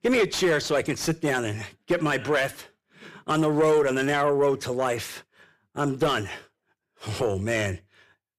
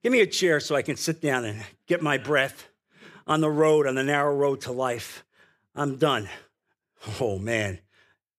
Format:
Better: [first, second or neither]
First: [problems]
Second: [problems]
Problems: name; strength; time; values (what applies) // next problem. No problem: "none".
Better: second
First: distortion; slight; 10 dB below the speech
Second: none